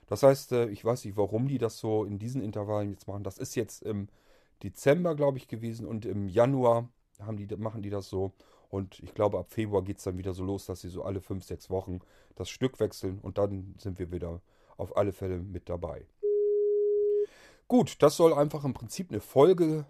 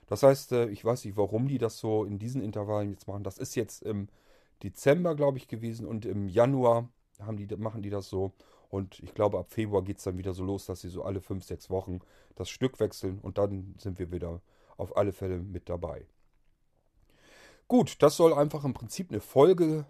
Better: second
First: phone ringing; loud; from 16 to 17 s; peak 3 dB above the speech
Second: none

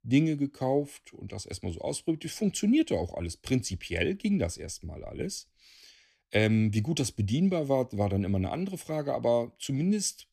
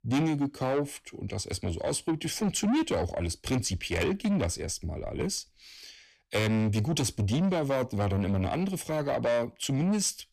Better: first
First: none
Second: distortion; heavy; 7 dB below the speech

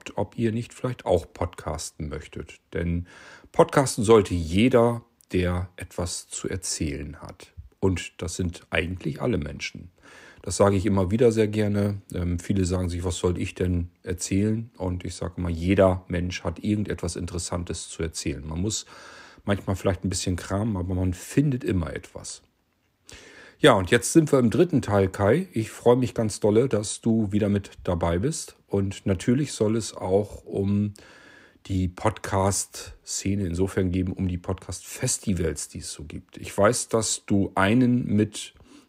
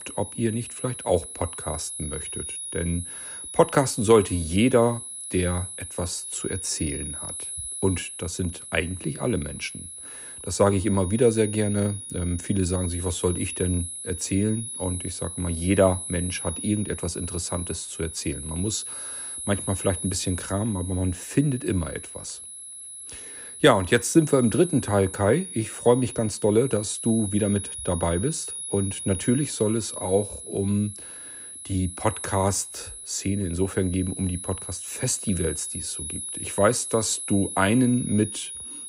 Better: first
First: none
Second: high-pitched whine; loud; throughout; 10.5 kHz, 8 dB below the speech

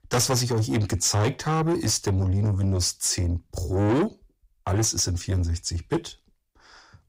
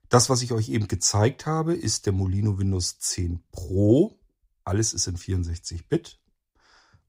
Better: second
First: distortion; heavy; 6 dB below the speech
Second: none

